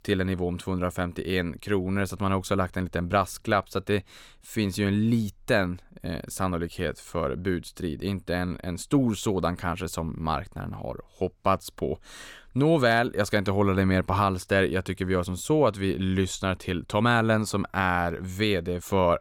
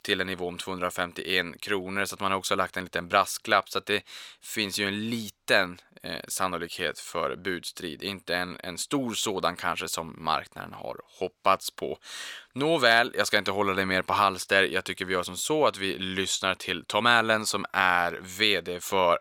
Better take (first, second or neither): first